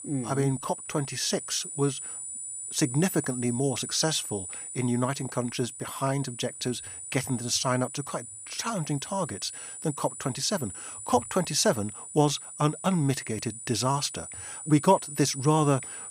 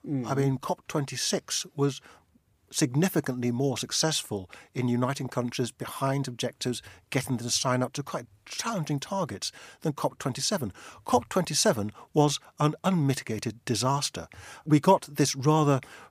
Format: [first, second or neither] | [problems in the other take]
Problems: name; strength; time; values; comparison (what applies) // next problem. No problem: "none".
second | high-pitched whine; loud; throughout; 9.5 kHz, 9 dB below the speech